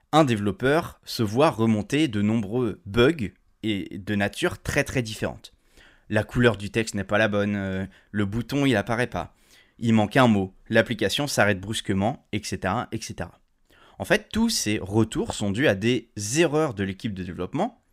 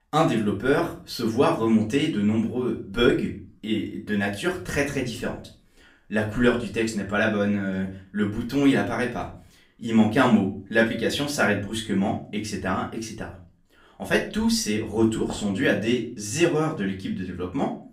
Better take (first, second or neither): first